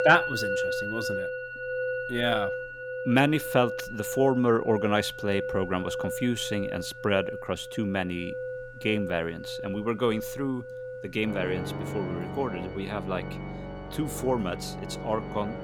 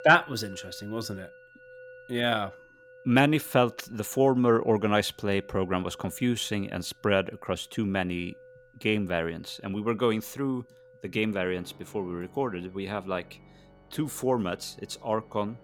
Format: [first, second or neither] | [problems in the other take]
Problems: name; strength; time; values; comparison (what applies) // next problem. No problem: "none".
second | background music; loud; throughout; 6 dB below the speech; faint in the second